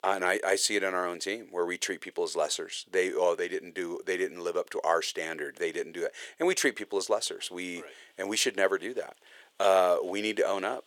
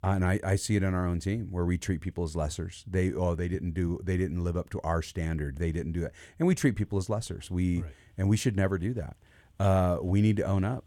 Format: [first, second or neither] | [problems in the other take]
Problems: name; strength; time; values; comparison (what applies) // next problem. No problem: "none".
second | thin; very; fading below 400 Hz